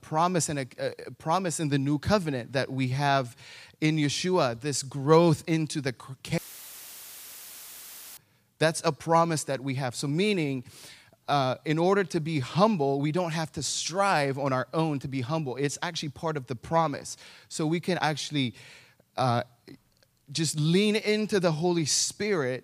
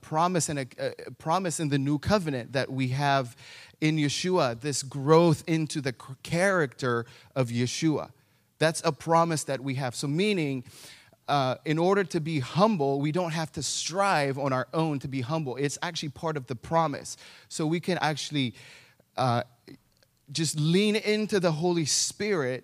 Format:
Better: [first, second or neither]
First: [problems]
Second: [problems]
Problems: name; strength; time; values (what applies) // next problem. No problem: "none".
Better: second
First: audio cutting out; filled with static; at 6.5 s for 2 s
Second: none